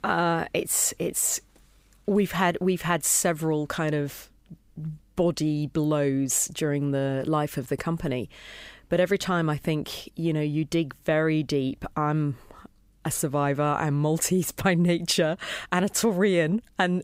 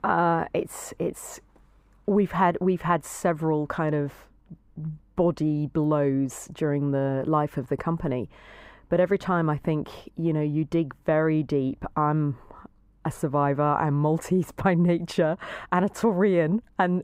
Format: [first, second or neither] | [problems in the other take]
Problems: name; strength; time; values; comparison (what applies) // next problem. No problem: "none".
first | muffled; very; fading above 2.5 kHz